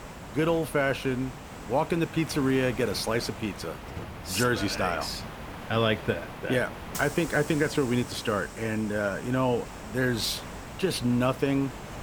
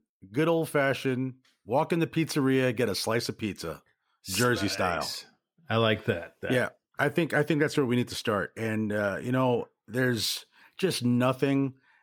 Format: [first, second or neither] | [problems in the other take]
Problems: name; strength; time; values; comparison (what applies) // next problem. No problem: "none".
second | hiss; noticeable; throughout; 10 dB below the speech